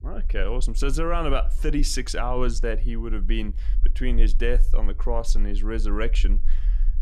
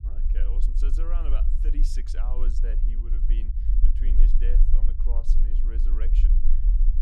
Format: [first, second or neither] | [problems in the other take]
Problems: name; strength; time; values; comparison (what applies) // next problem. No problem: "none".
first | low rumble; loud; throughout; 4 dB below the speech; faint in the first